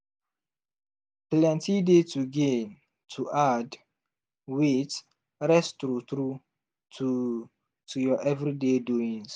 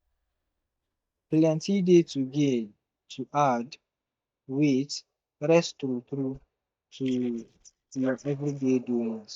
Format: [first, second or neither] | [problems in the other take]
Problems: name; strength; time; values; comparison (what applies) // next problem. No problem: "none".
first | noise reduction (neural mask model DeepFilterNet 3)